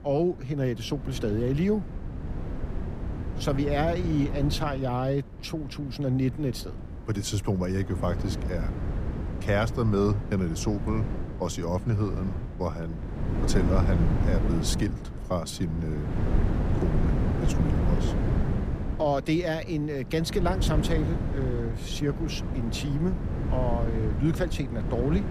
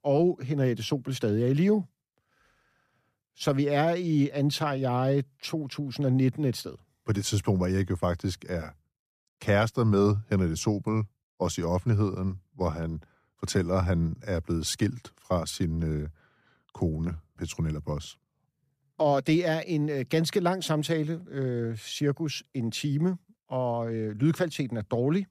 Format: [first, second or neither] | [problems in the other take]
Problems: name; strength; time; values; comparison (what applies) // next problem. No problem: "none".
second | wind noise on the microphone; heavy; 7 dB below the speech